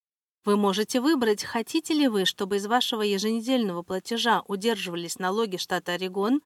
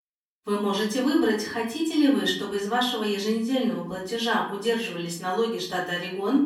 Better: first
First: none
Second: off-mic speech; far // room echo; slight; dies away in 0.5 s

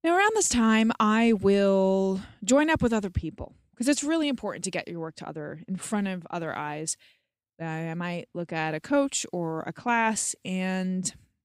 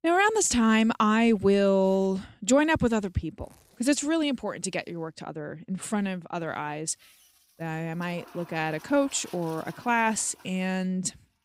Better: first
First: none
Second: household noises; faint; throughout; 25 dB below the speech

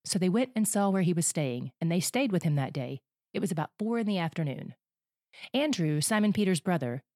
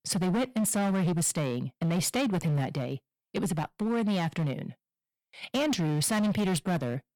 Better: first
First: none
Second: distortion; slight; 20% of the sound clipped

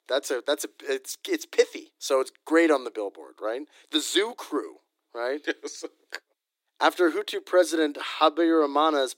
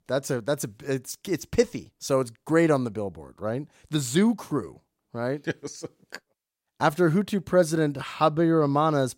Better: second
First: thin; somewhat; fading below 300 Hz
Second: none

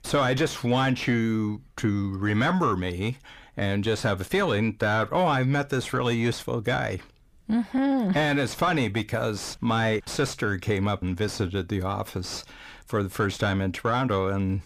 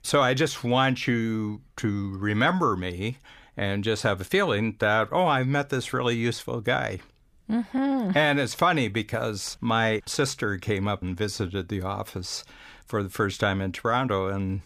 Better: second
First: distortion; slight; 10 dB below the speech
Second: none

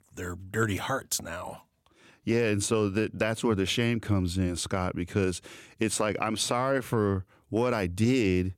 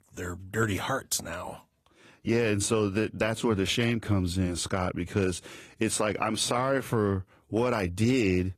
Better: first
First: none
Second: garbled, watery; slightly; nothing above 14.5 kHz

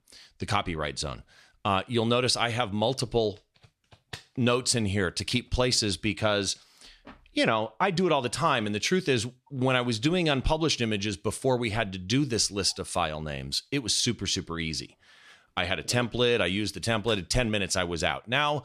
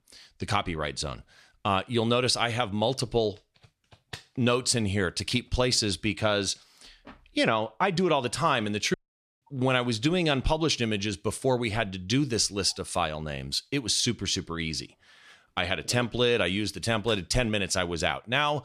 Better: first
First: none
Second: audio cutting out; at 9 s

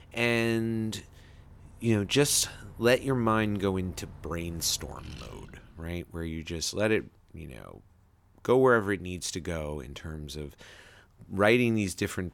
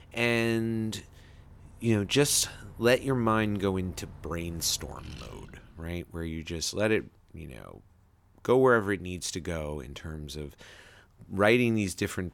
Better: neither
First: traffic noise; faint; until 6 s; 25 dB below the speech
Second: traffic noise; faint; until 6 s; 25 dB below the speech

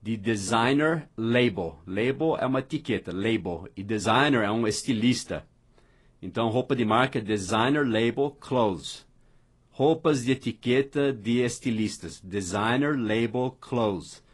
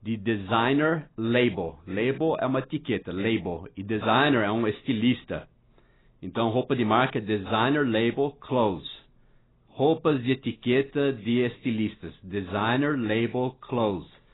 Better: first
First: garbled, watery; slightly; nothing above 10.5 kHz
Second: garbled, watery; badly; nothing above 4 kHz

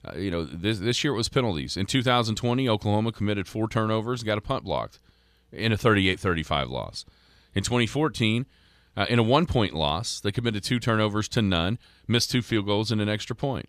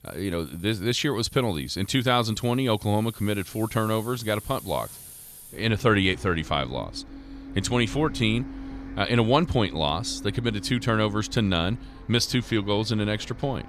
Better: first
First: none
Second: traffic noise; noticeable; throughout; 15 dB below the speech

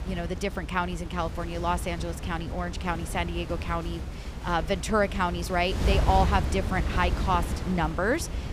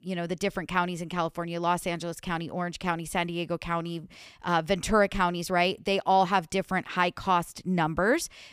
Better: second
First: wind noise on the microphone; occasional gusts; 10 dB below the speech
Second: none

